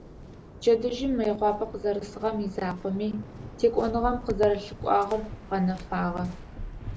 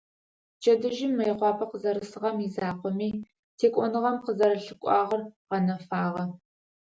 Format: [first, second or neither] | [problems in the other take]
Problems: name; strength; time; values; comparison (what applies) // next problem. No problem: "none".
second | background sound (Waves, surf); 12 dB below the speech